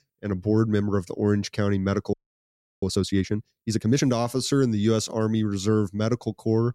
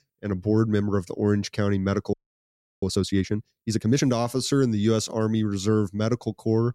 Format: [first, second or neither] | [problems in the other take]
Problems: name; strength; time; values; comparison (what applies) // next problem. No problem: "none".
neither | audio freezing; at 2 s for 0.5 s; the same in both